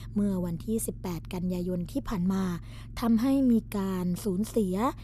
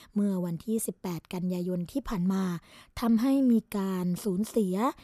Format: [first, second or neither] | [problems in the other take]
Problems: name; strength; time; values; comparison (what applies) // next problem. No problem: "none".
second | low rumble; faint; throughout; 25 dB below the speech